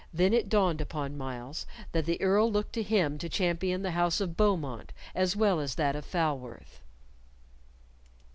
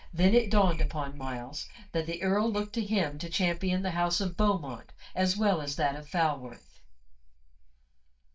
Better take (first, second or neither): first